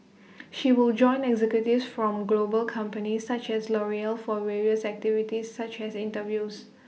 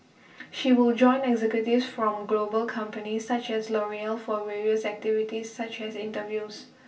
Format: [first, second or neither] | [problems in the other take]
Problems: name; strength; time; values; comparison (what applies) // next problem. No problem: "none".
first | room echo; dies away in 0.2 s